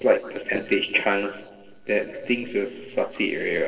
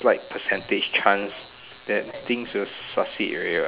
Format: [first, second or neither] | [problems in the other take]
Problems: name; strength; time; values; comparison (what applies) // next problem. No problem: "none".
second | noise reduction (neural separator model SepFormer DNS4)